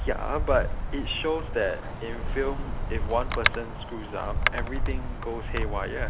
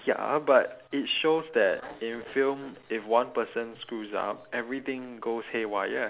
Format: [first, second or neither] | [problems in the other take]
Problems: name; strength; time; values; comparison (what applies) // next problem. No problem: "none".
second | background sound (Wind); 2 dB above the speech